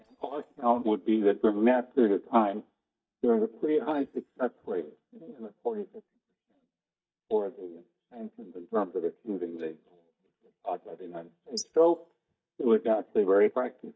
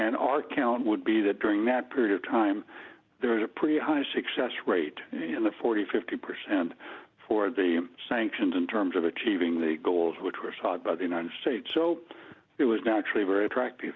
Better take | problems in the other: second | noise reduction (neural mask model DeepFilterNet 3)

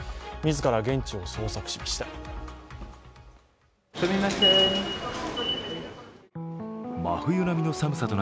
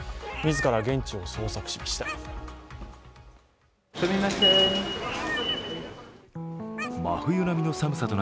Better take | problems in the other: first | background sound (Meow); 12 dB below the speech

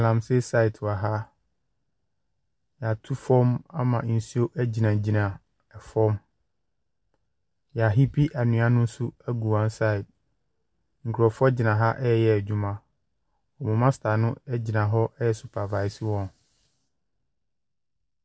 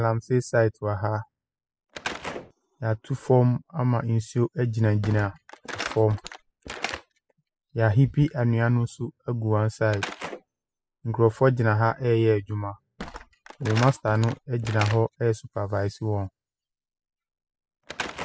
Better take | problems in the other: first | noise reduction (classical method spectral subtraction)

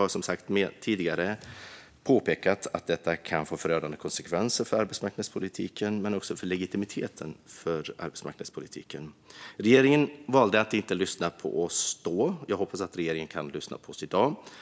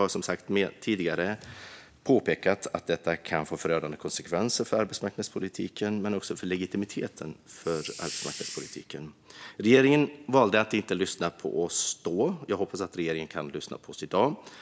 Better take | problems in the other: first | background sound (Hiss); 12 dB below the speech

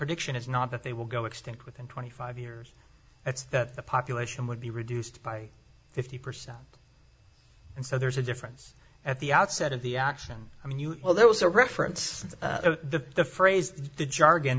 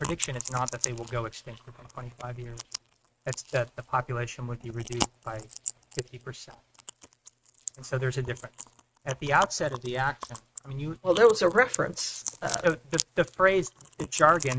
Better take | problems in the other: first | noise reduction (neural mask model RNNoise)

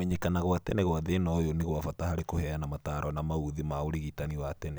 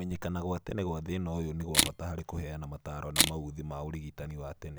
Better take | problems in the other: first | background sound (Camera); 5 dB above the speech

